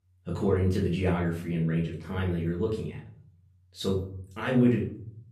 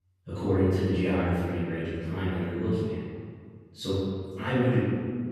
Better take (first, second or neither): first